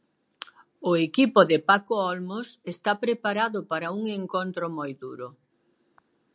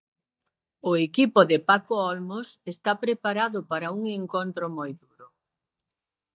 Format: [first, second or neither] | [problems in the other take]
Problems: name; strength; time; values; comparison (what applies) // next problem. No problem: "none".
first | noise reduction (neural mask model DeepFilterNet 3)